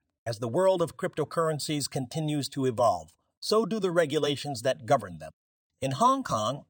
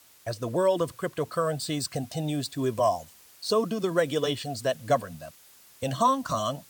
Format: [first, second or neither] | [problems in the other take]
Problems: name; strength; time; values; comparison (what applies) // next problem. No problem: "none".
first | hiss; faint; throughout; 25 dB below the speech